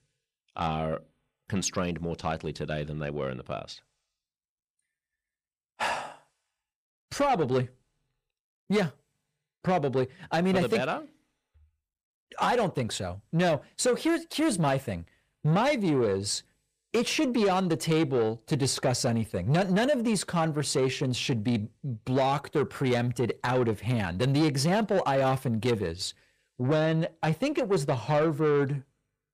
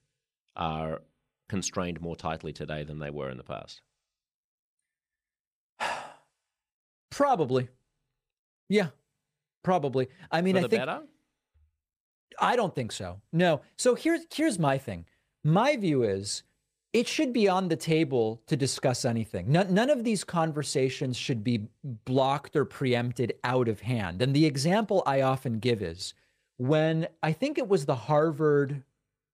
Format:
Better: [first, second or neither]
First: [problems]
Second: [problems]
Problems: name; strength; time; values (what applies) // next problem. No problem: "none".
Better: second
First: distortion; slight; 10 dB below the speech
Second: none